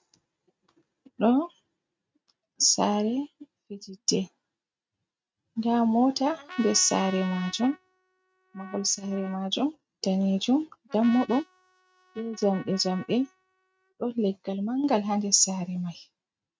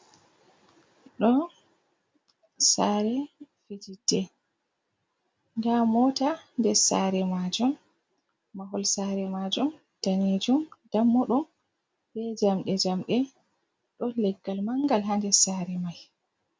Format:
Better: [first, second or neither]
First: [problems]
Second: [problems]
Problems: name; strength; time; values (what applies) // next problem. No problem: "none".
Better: second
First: noise reduction (neural mask model RNNoise)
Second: none